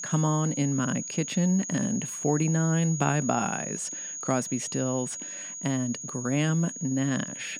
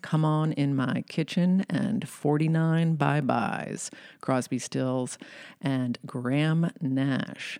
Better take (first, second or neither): second